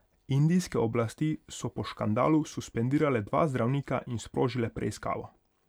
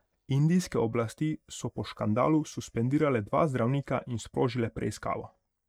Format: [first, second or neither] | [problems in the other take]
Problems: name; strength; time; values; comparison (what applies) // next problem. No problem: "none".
first | noise reduction (neural mask model DeepFilterNet 3)